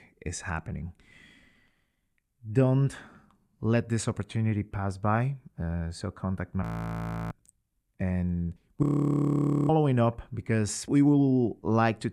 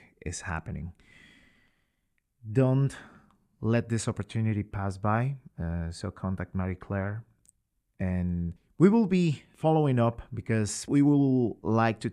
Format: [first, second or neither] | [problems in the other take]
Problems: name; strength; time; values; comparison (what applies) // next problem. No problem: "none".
second | audio freezing; at 6.5 s for 0.5 s and at 9 s for 1 s